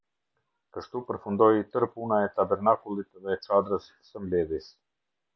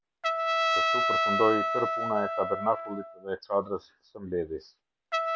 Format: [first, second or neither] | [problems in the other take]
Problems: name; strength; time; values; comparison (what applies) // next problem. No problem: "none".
first | background sound (Trumpet); 2 dB above the speech